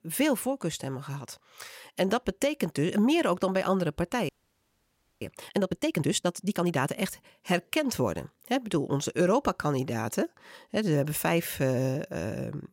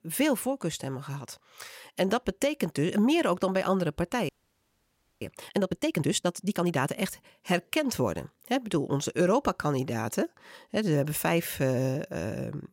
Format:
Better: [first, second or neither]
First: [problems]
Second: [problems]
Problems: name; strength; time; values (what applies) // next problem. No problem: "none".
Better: neither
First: audio freezing; at 4.5 s for 1 s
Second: audio freezing; at 4.5 s for 1 s